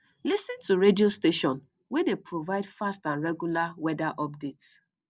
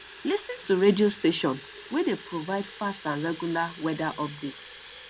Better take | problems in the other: first | background sound (Fill (with liquid) / Water tap, faucet); 17 dB below the speech

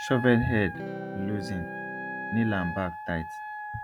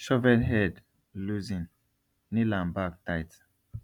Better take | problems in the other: second | background sound (Electric guitar / Strum + Wind instrument, woodwind instrument); 7 dB below the speech

